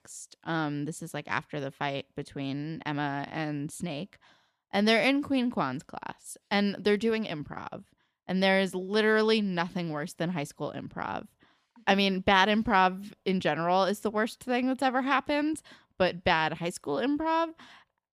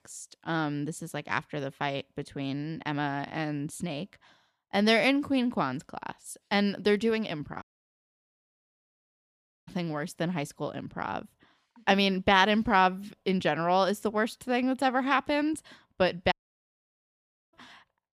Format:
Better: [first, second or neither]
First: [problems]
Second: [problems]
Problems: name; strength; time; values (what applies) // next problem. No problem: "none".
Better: first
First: none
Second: audio cutting out; at 7.5 s for 2 s and at 16 s for 1 s